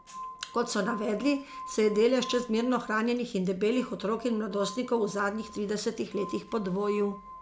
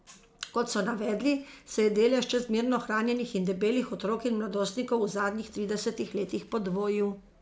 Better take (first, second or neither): second